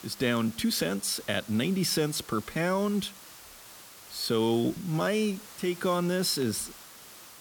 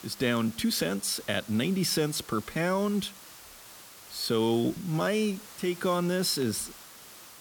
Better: neither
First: hiss; noticeable; throughout; 15 dB below the speech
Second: hiss; noticeable; throughout; 15 dB below the speech

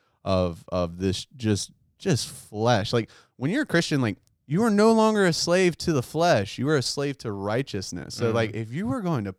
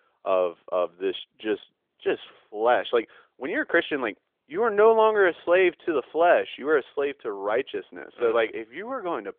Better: first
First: none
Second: phone-call audio; nothing above 3.5 kHz

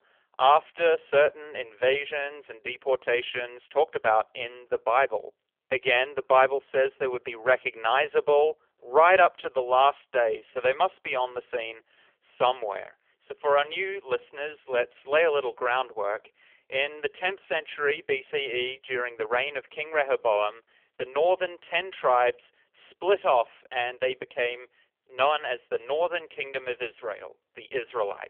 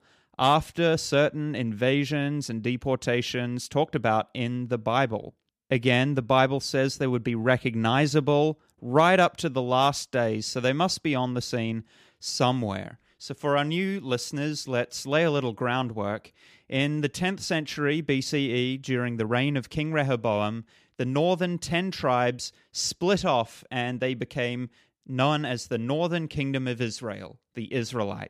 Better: second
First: phone-call audio; poor line; nothing above 3.5 kHz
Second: none

